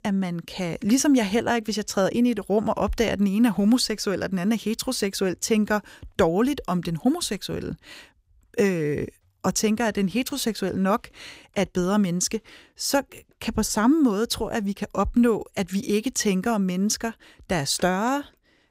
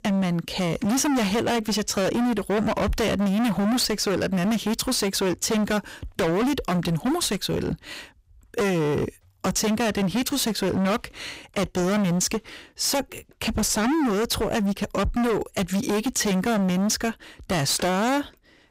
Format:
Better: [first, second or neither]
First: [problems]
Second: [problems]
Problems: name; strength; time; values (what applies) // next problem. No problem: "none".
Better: first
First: none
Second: distortion; heavy; 30% of the sound clipped